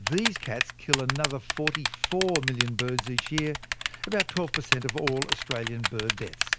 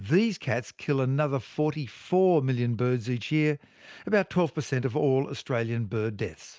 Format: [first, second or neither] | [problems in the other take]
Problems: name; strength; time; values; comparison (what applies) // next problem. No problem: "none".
second | background sound (Typing); as loud as the speech